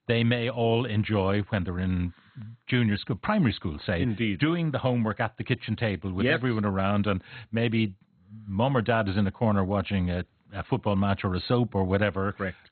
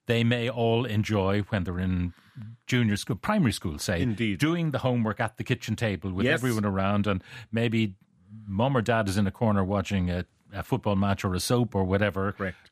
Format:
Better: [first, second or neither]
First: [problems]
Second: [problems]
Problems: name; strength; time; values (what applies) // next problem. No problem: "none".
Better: second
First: garbled, watery; badly; nothing above 4 kHz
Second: none